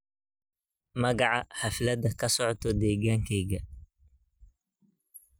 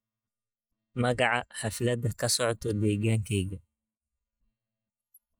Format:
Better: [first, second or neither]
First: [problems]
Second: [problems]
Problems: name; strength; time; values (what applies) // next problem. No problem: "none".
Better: first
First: none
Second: noise reduction (neural mask model DeepFilterNet 3)